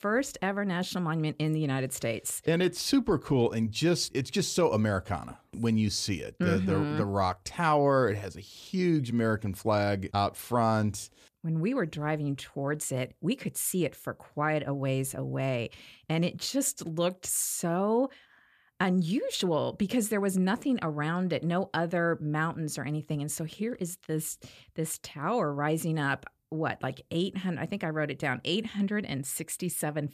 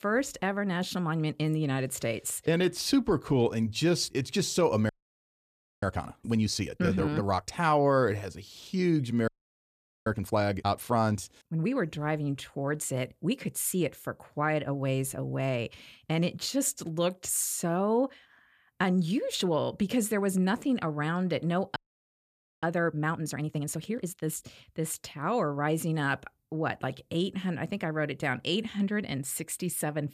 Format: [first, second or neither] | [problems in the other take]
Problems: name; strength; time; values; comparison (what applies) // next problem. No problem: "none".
first | audio freezing; at 5 s for 1 s, at 9.5 s for 1 s and at 22 s for 1 s